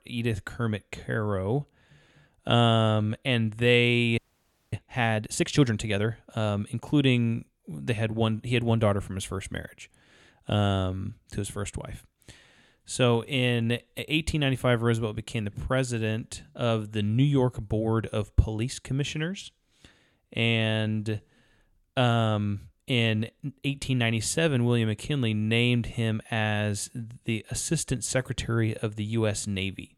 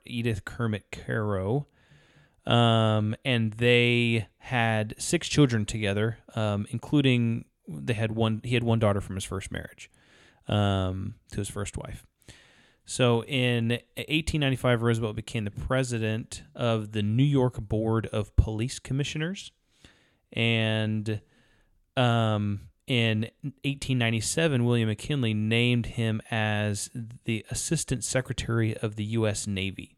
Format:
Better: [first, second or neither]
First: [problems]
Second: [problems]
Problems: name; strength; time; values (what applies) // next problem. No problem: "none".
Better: second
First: audio freezing; at 4 s for 0.5 s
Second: none